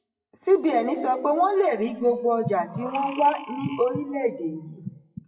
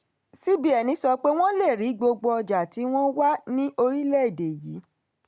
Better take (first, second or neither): second